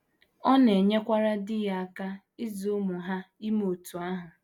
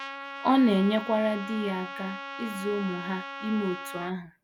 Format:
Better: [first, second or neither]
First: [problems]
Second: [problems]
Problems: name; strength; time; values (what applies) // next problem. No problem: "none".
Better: first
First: none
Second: background sound (Trumpet); 10 dB below the speech